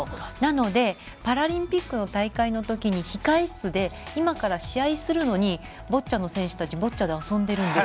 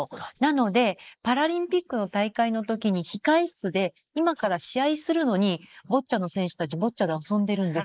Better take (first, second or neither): first